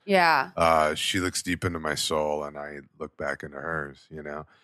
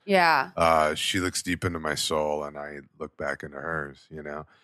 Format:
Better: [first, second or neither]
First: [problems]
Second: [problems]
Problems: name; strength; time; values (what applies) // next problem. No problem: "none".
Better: neither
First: none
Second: none